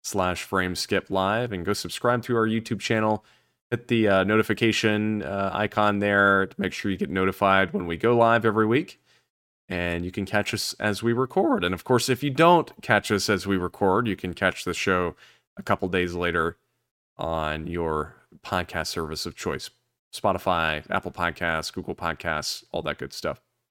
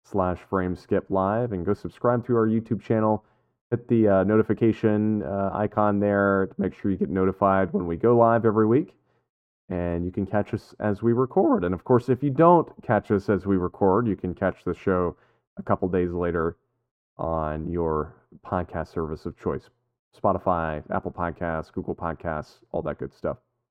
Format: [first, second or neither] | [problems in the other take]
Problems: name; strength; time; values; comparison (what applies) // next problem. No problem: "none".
first | muffled; very; fading above 1.5 kHz